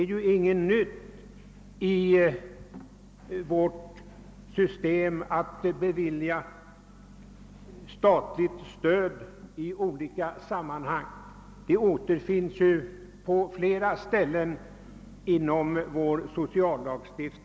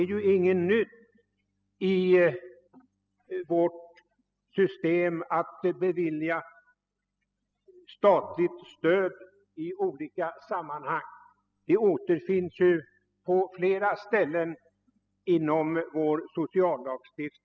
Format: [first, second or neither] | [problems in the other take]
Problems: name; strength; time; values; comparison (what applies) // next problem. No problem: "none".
first | noise reduction (classical method spectral subtraction)